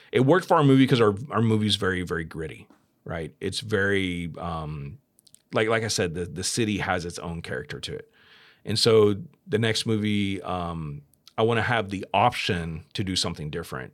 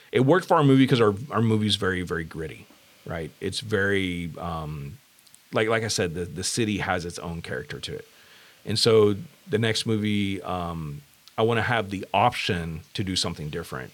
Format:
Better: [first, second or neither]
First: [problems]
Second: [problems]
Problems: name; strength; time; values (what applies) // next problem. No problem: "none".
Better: first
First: none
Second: hiss; faint; throughout; 30 dB below the speech